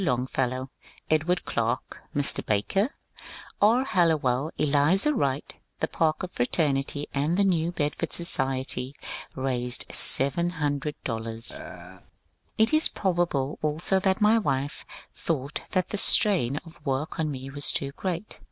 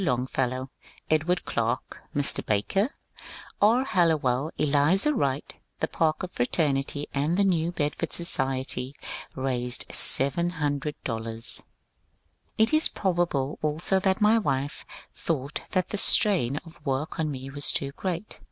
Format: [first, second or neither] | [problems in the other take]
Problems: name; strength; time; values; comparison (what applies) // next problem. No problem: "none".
second | background sound (Burping, eructation); 11 dB below the speech